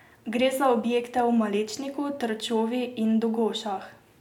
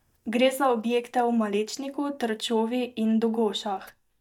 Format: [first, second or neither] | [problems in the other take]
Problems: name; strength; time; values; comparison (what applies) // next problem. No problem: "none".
first | noise reduction (neural mask model DeepFilterNet 3)